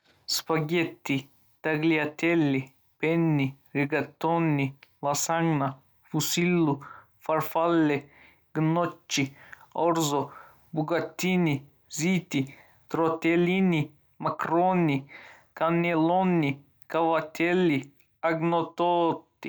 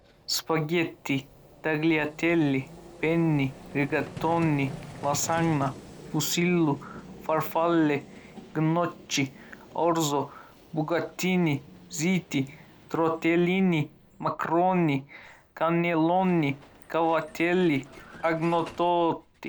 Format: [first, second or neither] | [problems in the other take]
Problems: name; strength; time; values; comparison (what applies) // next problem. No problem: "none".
first | background sound (Vehicle); 19 dB below the speech